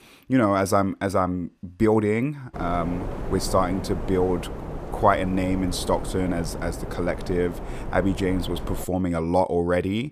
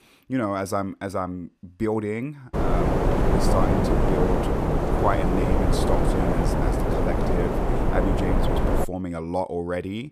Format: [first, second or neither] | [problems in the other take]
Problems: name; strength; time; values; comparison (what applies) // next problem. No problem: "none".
first | wind noise on the microphone; heavy; from 2.5 to 9 s; 3 dB above the speech; occasional gusts in the first